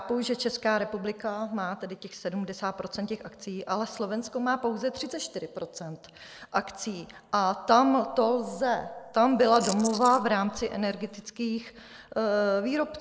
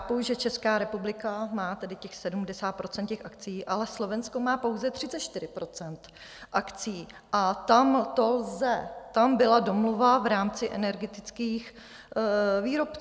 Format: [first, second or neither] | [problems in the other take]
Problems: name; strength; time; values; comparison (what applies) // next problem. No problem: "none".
second | noise reduction (neural mask model Resemble Enhance denoiser)